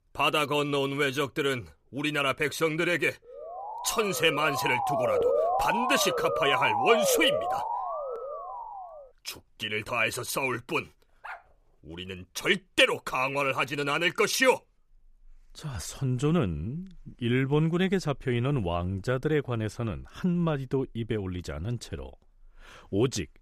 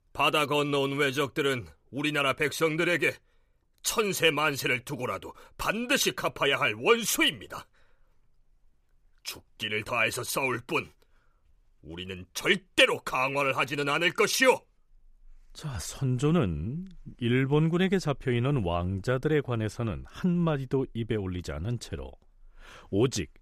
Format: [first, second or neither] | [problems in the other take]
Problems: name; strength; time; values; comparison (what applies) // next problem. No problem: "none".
second | siren; loud; from 3.5 to 9 s; peak 2 dB above the speech // dog barking; faint; at 11 s; peak 15 dB below the speech